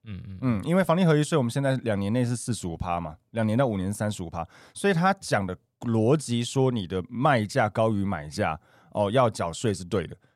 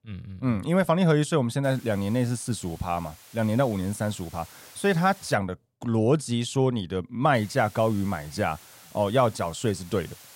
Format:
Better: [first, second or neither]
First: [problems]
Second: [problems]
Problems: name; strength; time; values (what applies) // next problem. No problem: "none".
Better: first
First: none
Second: hiss; faint; from 1.5 to 5.5 s and from 7.5 s on; 20 dB below the speech